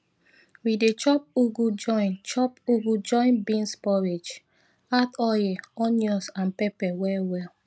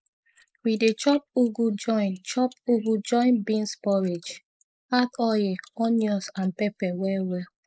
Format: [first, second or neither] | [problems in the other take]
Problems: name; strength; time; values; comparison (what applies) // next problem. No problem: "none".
first | noise reduction (neural mask model Resemble Enhance denoiser)